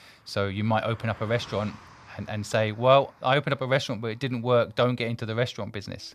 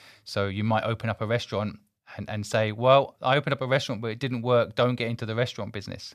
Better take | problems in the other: second | traffic noise; faint; throughout; 25 dB below the speech

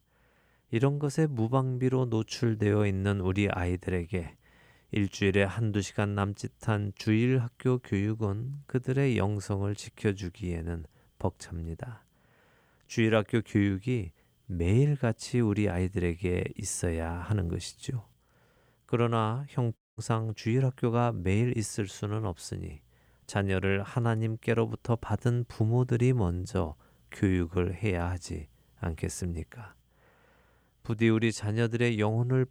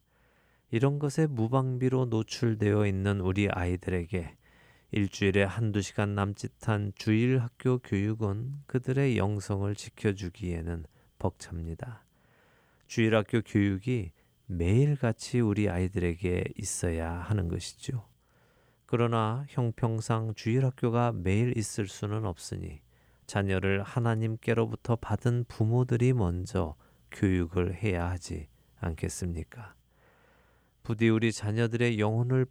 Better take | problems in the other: second | audio cutting out; at 20 s

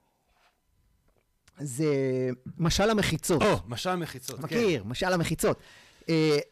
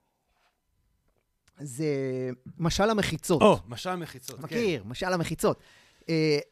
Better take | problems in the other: second | distortion; heavy; 7 dB below the speech

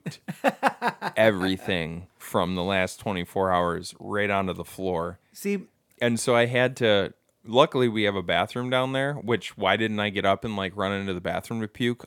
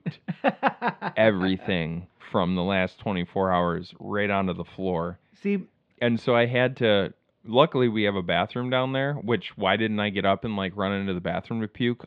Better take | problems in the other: first | muffled; slightly; fading above 3.5 kHz

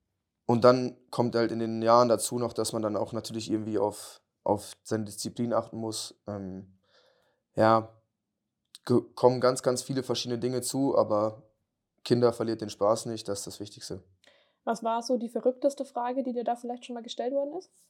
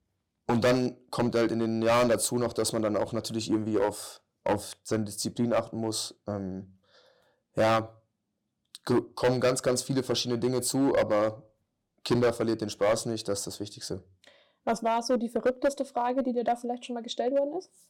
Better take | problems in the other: first | distortion; heavy; 5% of the sound clipped

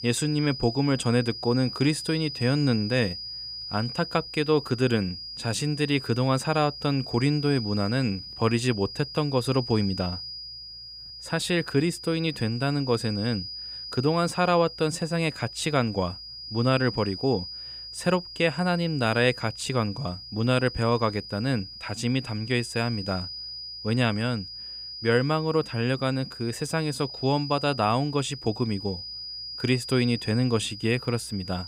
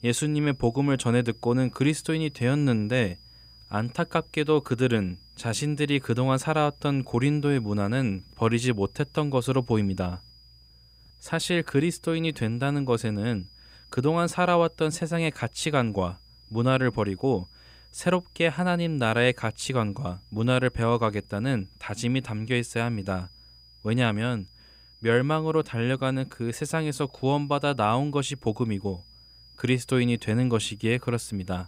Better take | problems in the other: second | high-pitched whine; loud; throughout; 5 kHz, 10 dB below the speech; faint in the second

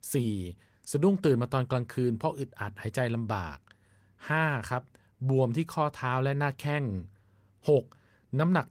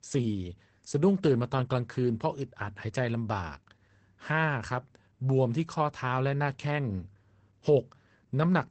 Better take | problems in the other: first | garbled, watery; badly; nothing above 8 kHz; slightly in the first

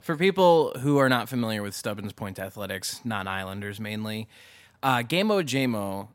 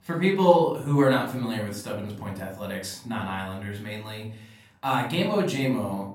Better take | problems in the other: first | off-mic speech; far // room echo; slight; dies away in 0.5 s

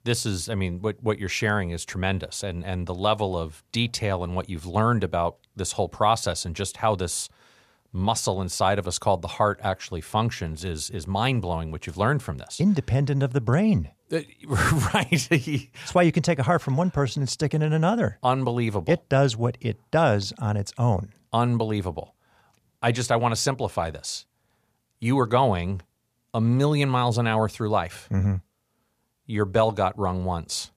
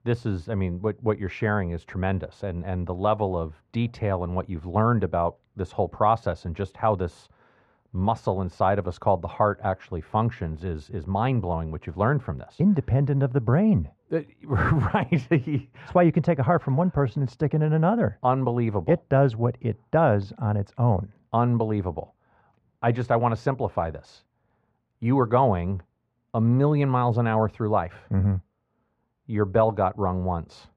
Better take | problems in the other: first | muffled; very; fading above 3.5 kHz

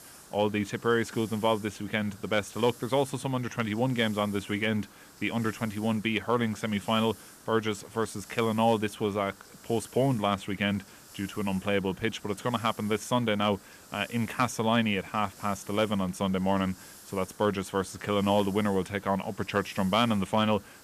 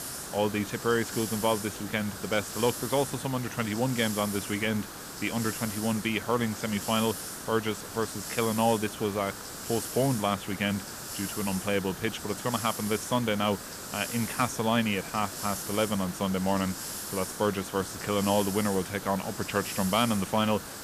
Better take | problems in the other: first | hiss; loud; throughout; 7 dB below the speech; faint in the first

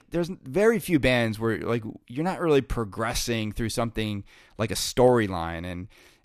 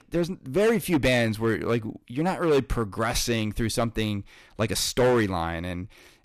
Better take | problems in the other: first | distortion; slight; 5% of the sound clipped

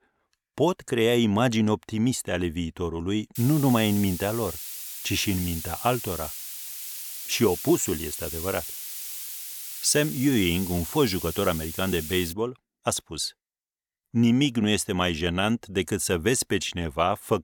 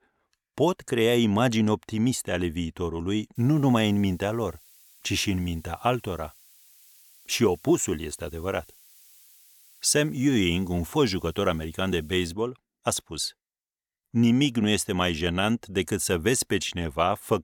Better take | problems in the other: second | hiss; loud; from 3.5 to 12 s; 8 dB below the speech; faint in the second

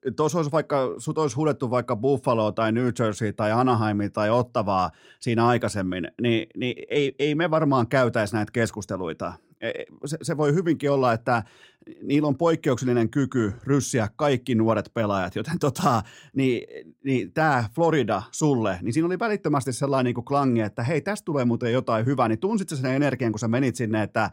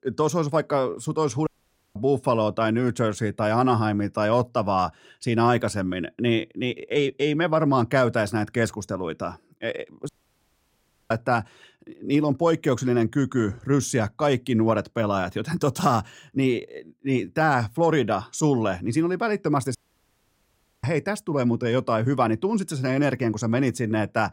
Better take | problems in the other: first | audio cutting out; at 1.5 s, at 10 s for 1 s and at 20 s for 1 s

